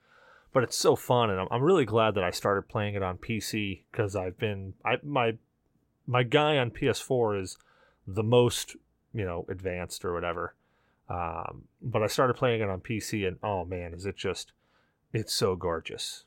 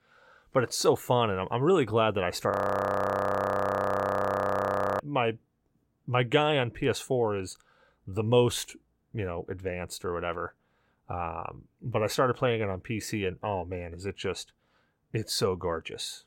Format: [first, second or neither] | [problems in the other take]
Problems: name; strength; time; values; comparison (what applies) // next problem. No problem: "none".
first | audio freezing; at 2.5 s for 2.5 s